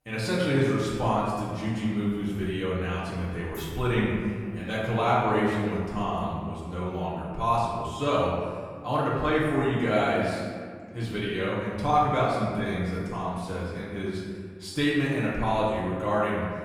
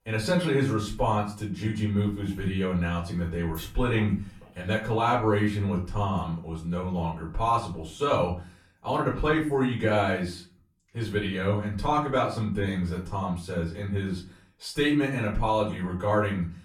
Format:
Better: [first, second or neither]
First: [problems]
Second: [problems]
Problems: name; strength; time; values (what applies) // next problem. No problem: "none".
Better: second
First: room echo; strong; dies away in 1.6 s // off-mic speech; far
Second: room echo; slight; dies away in 0.3 s // off-mic speech; far